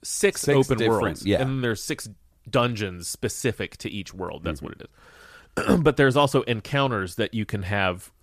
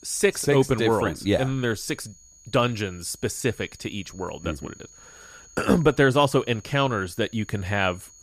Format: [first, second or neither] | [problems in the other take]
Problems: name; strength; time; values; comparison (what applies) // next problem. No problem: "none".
first | high-pitched whine; faint; throughout; 6.5 kHz, 25 dB below the speech